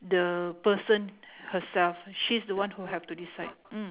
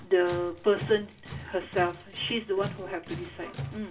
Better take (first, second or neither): first